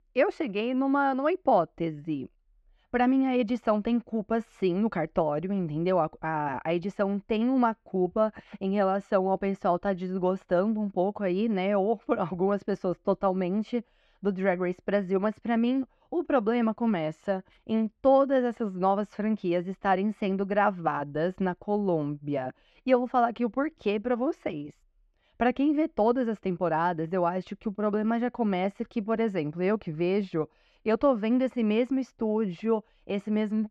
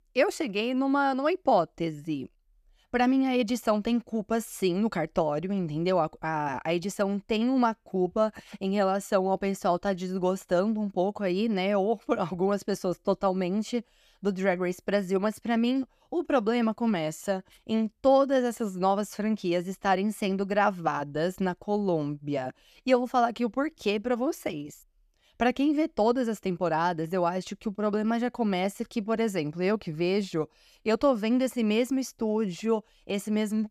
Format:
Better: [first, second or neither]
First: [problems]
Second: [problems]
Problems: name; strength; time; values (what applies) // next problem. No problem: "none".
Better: second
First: muffled; slightly; fading above 2.5 kHz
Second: none